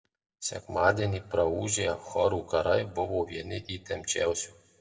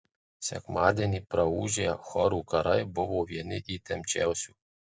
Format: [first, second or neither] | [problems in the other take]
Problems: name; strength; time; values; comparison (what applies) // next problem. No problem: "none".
second | room echo; dies away in 1.2 s